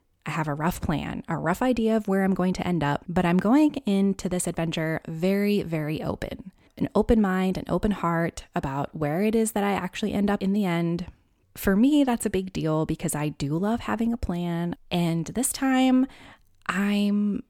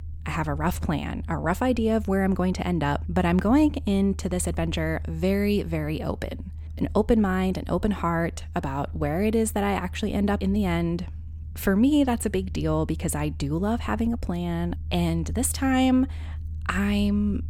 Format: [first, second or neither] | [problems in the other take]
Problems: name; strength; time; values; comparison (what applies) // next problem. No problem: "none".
first | low rumble; faint; throughout; 25 dB below the speech